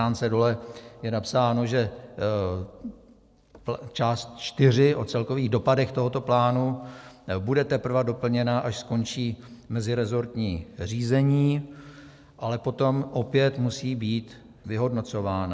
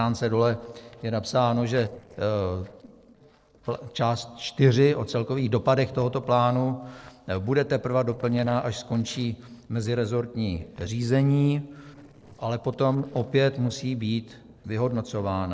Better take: first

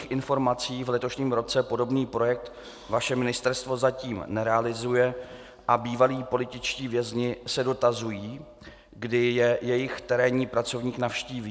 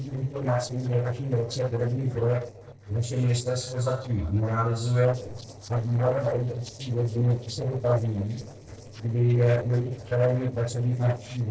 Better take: first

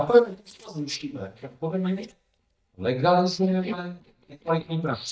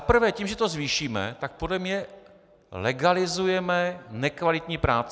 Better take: second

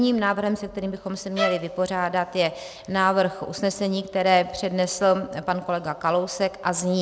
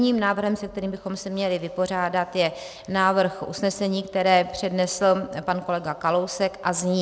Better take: second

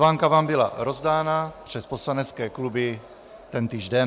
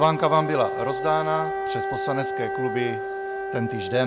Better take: first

